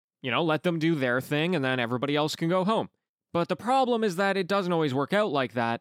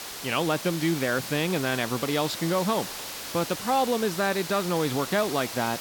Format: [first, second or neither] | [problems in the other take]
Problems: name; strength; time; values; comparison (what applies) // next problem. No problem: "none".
first | hiss; loud; throughout; 7 dB below the speech